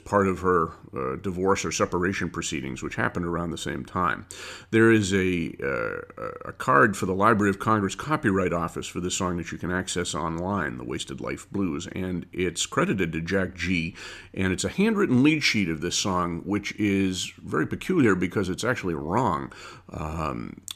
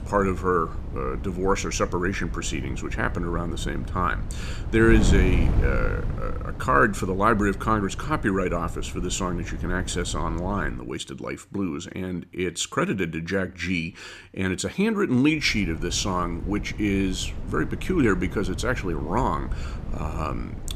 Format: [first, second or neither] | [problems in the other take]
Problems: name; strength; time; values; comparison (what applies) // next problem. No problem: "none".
first | wind noise on the microphone; occasional gusts; until 11 s and from 15 s on; 15 dB below the speech